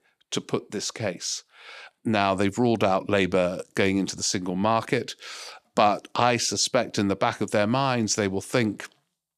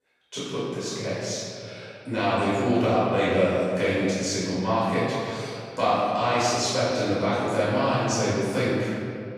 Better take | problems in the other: first | off-mic speech; far // room echo; strong; dies away in 2.2 s

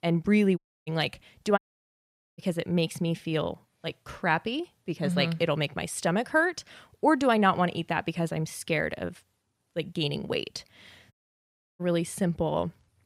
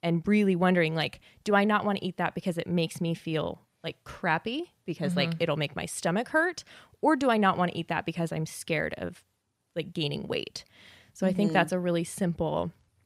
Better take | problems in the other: second | audio cutting out; at 0.5 s, at 1.5 s for 1 s and at 11 s for 0.5 s

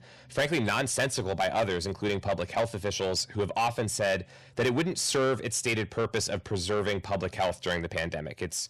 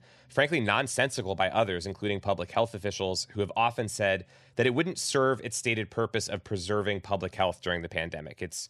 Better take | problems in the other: second | distortion; heavy; 8 dB below the speech

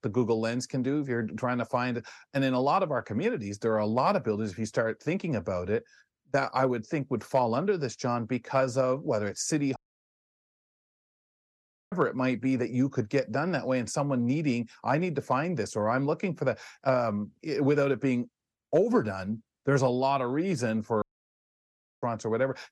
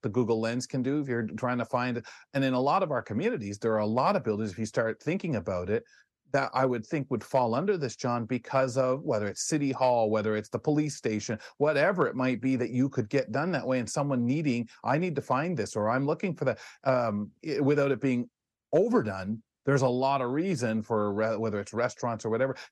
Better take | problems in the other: second | audio cutting out; at 10 s for 2 s and at 21 s for 1 s

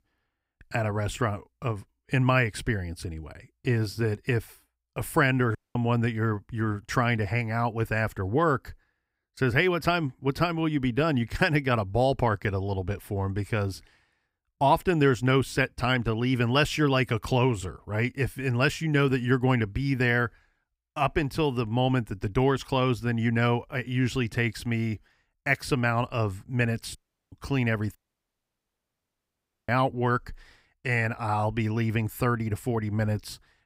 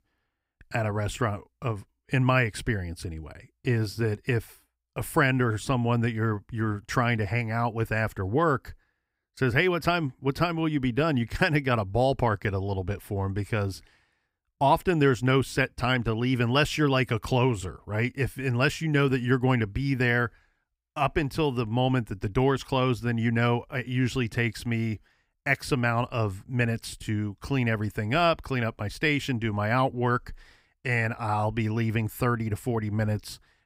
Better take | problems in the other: second | audio cutting out; at 5.5 s, at 27 s and at 28 s for 1.5 s

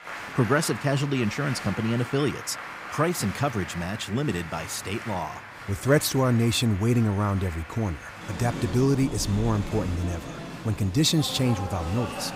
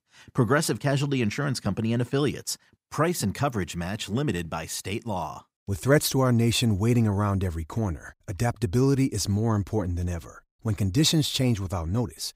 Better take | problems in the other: second | crowd noise; noticeable; throughout; 10 dB below the speech

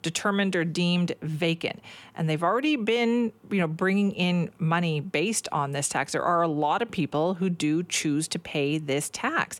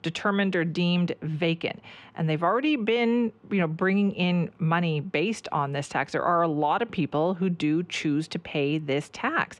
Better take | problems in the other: first | muffled; slightly; fading above 3.5 kHz

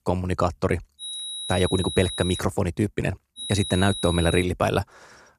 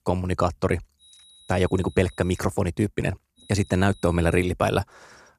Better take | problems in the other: second | high-pitched whine; loud; from 1 to 2.5 s and from 3.5 to 4.5 s; 4 kHz, 6 dB below the speech; faint in the second

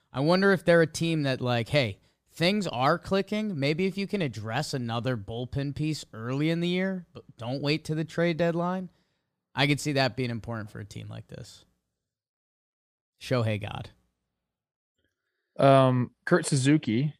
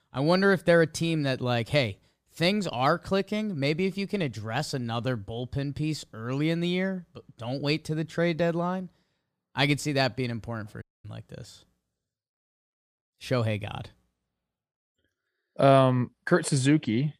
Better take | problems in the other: first | audio cutting out; at 11 s

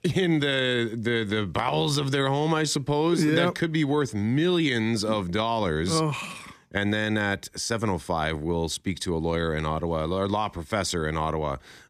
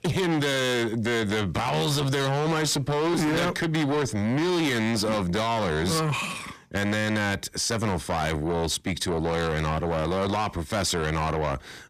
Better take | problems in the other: first | distortion; heavy; 7 dB below the speech

